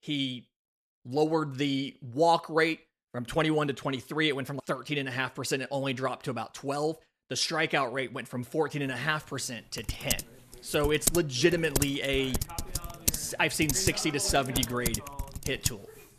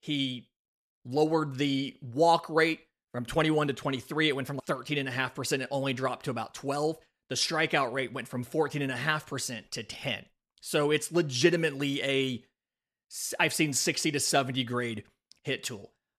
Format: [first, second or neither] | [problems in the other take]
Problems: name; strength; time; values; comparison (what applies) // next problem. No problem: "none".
second | keyboard typing; loud; from 10 to 16 s; peak 1 dB above the speech